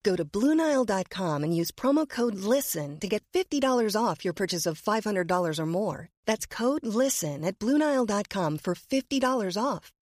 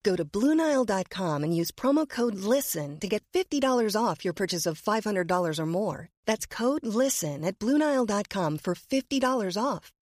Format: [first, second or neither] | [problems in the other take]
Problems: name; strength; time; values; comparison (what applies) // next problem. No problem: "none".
neither | none